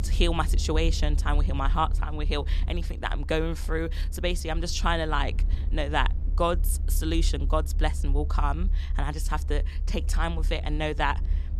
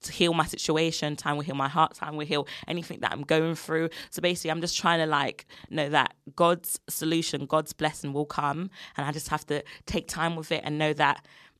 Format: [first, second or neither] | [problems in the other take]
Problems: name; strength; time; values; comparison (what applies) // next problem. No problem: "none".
second | low rumble; noticeable; throughout; 20 dB below the speech